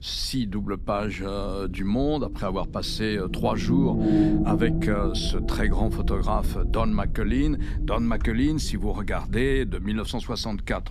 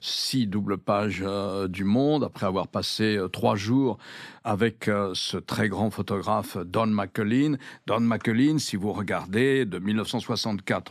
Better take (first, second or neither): second